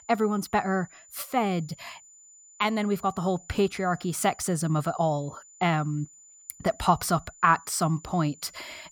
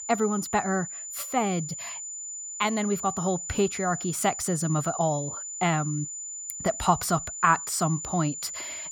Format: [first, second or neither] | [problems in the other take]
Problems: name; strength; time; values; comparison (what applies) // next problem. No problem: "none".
first | high-pitched whine; loud; throughout; 7 kHz, 7 dB below the speech; faint in the first